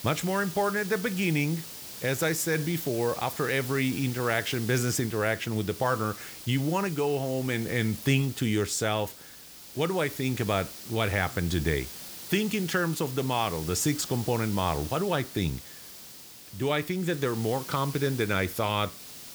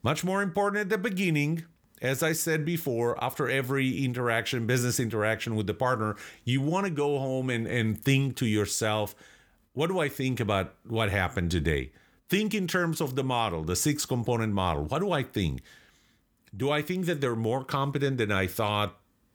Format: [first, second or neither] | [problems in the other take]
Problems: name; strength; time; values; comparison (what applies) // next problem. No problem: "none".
second | hiss; noticeable; throughout; 10 dB below the speech